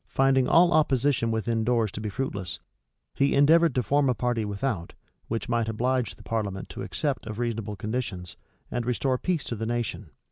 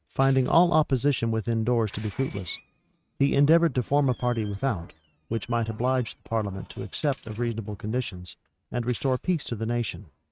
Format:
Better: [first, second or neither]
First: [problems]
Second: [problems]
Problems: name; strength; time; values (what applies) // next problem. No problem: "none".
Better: first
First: none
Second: noise reduction (neural mask model RNNoise)